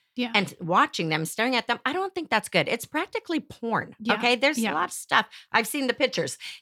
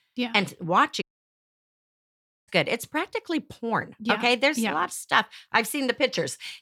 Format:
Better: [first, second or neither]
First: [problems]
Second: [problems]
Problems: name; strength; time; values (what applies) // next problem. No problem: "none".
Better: first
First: none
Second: audio cutting out; at 1 s for 1.5 s